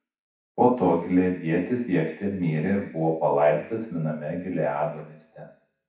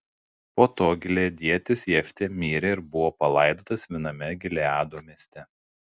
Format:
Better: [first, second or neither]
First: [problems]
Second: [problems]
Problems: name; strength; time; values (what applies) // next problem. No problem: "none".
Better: second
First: room echo; dies away in 0.7 s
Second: none